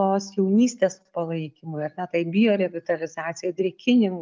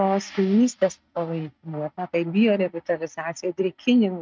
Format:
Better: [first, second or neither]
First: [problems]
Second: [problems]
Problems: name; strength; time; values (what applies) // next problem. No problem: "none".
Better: first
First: none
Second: noise reduction (neural mask model RNNoise)